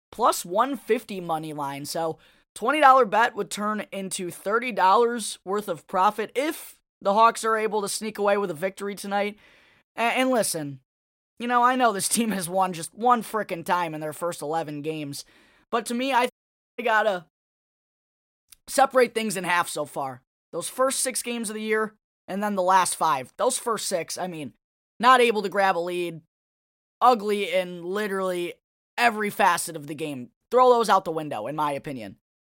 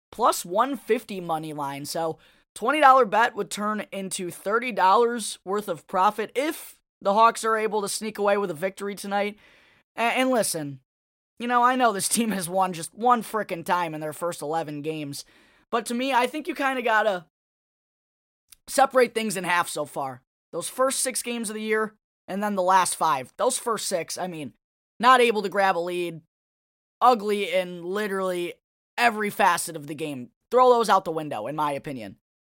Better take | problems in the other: second | audio cutting out; at 16 s

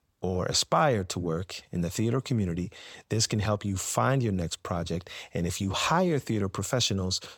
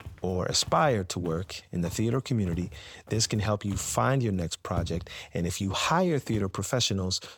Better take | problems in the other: first | footsteps; noticeable; until 6.5 s; peak 8 dB below the speech

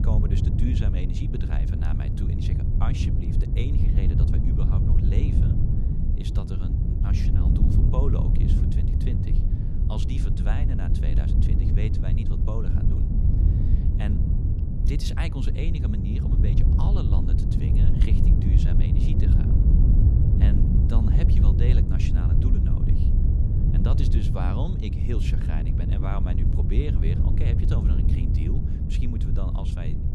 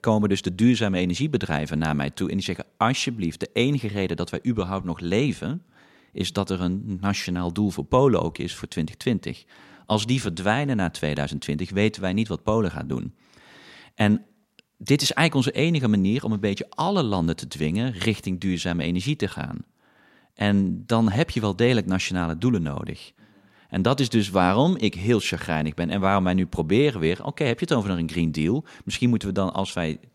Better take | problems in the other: second | wind noise on the microphone; heavy; 2 dB above the speech

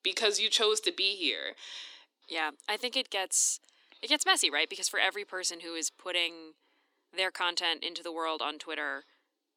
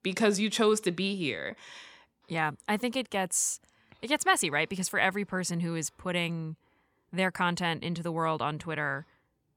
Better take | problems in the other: second | thin; somewhat; fading below 300 Hz

